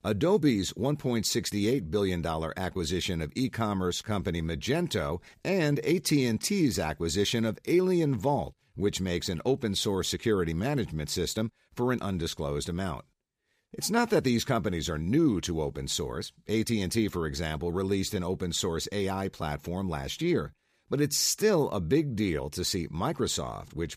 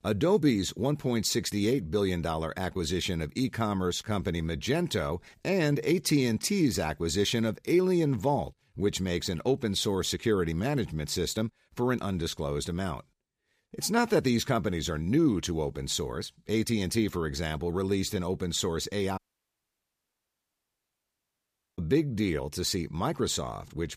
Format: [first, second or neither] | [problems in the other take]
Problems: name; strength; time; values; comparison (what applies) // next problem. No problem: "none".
first | audio cutting out; at 19 s for 2.5 s